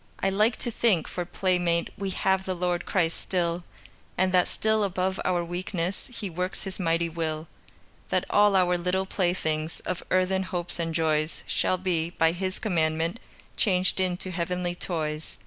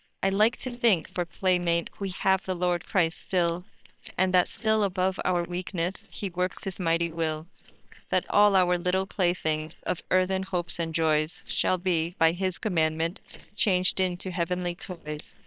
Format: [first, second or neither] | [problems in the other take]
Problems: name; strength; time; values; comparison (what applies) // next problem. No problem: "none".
first | noise reduction (neural separator model SepFormer WHAM!)